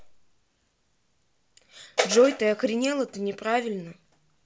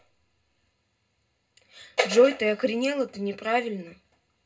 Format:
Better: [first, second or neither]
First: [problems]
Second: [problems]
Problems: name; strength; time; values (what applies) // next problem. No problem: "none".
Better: first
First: none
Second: room echo; dies away in 0.2 s